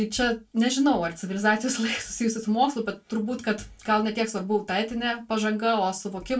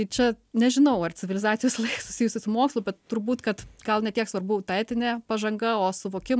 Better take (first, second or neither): second